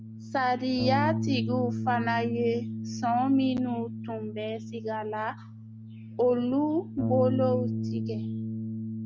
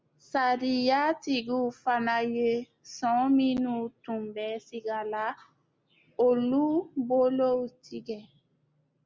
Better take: second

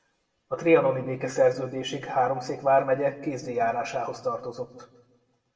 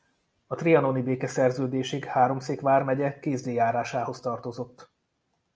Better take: second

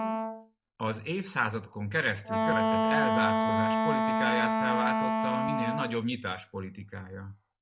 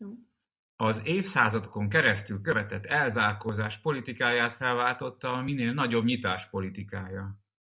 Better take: second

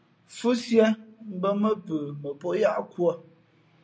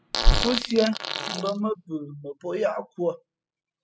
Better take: first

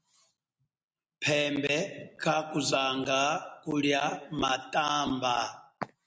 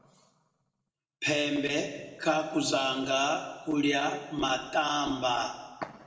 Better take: first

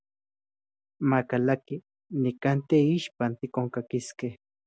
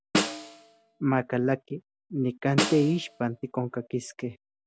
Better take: first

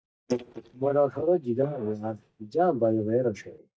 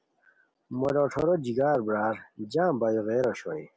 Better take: second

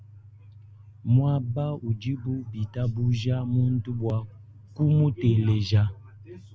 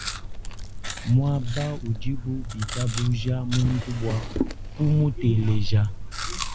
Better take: first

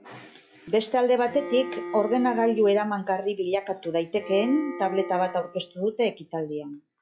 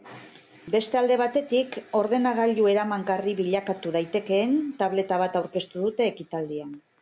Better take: second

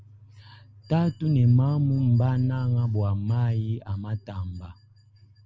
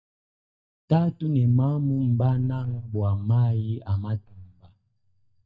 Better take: first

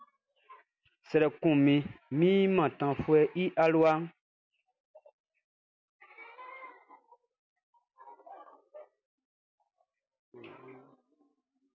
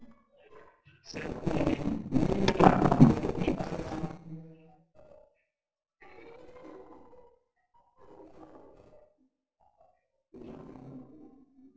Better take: first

